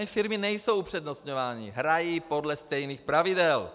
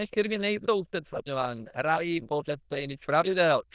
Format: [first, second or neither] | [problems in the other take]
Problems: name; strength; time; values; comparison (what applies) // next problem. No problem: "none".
first | noise reduction (neural diffusion model UNIVERSE++)